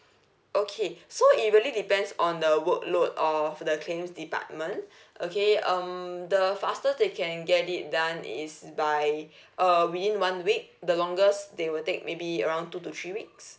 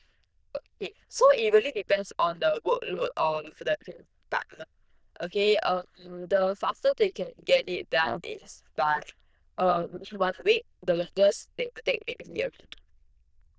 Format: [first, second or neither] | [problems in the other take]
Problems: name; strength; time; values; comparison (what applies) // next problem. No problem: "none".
first | noise reduction (neural diffusion model UNIVERSE++)